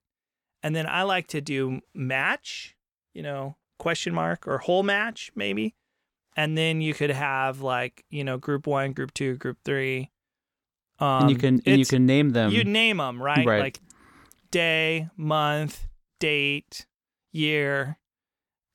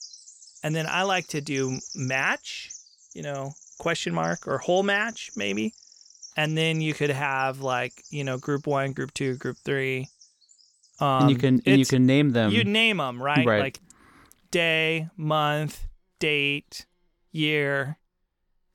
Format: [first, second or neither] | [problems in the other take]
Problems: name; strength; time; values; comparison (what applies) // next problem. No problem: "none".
first | animal sounds; noticeable; throughout; 20 dB below the speech